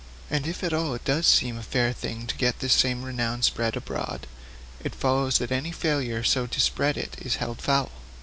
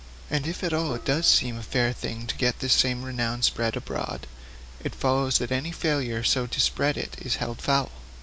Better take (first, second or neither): first